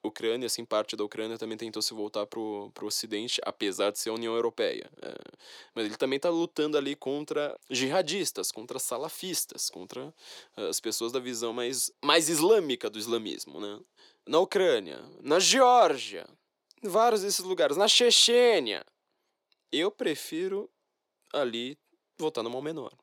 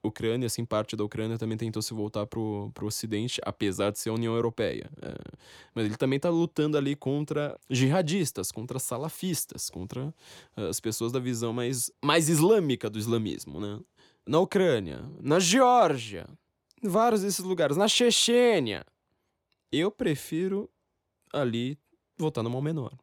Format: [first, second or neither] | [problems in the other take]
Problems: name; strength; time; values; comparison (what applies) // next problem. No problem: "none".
second | thin; somewhat; fading below 400 Hz